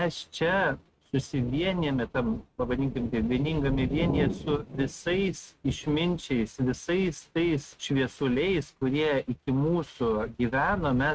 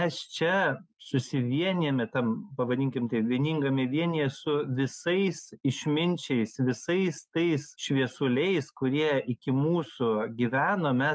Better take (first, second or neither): second